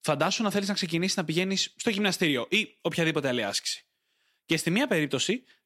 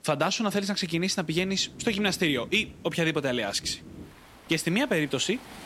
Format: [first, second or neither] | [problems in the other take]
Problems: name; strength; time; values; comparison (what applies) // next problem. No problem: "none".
first | rain or running water; faint; throughout; 20 dB below the speech